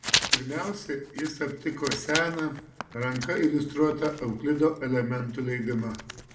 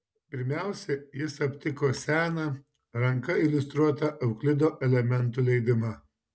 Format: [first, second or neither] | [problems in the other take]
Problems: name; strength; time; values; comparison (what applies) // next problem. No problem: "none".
second | background sound (Writing); 6 dB below the speech // room echo; dies away in 0.7 s